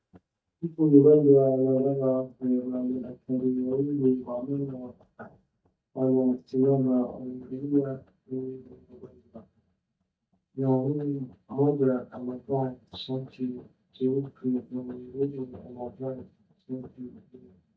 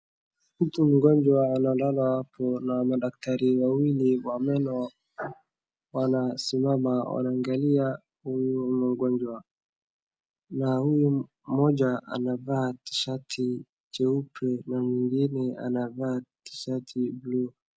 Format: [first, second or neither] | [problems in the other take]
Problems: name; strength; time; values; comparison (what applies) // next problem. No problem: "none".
second | noise reduction (neural mask model DeepFilterNet 3)